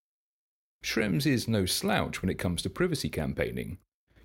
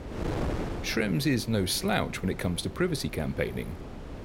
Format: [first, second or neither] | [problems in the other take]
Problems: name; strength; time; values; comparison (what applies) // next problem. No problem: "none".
first | wind noise on the microphone; occasional gusts; 10 dB below the speech